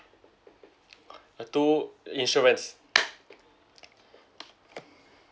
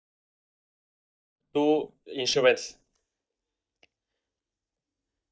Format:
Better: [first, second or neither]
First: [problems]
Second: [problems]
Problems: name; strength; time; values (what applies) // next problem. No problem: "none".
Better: first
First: none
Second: noise reduction (neural mask model DeepFilterNet 3)